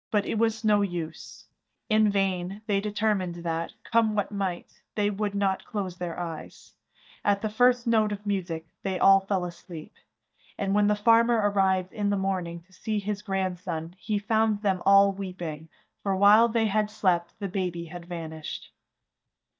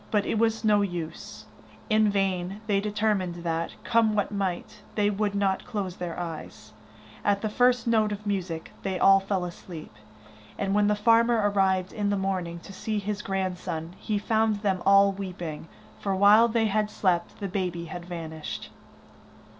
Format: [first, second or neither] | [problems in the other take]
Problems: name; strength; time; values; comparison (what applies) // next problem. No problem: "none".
second | noise reduction (neural mask model DeepFilterNet 3)